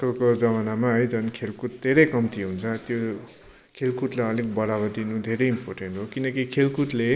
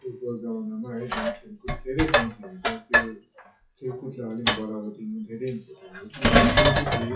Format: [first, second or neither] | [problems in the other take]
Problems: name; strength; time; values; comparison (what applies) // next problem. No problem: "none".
first | noise reduction (classical method WPE with log-MMSE)